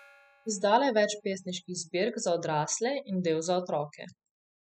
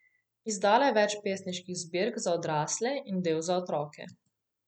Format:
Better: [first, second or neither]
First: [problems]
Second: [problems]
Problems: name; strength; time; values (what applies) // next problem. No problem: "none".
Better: second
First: noise reduction (classical method spectral subtraction)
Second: none